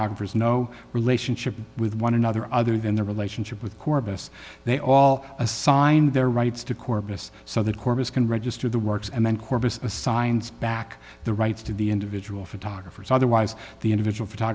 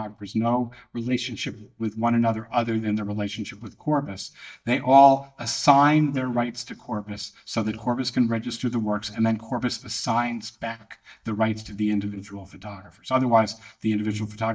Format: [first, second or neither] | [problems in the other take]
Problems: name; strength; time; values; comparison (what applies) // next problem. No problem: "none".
first | noise reduction (neural mask model DeepFilterNet 3)